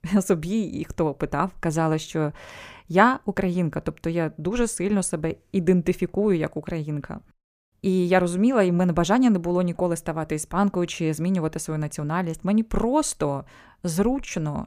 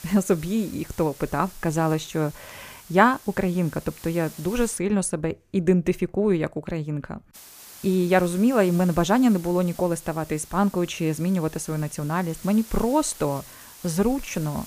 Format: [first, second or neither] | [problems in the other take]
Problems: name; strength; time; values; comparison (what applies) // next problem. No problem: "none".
first | hiss; noticeable; until 5 s and from 7.5 s on; 20 dB below the speech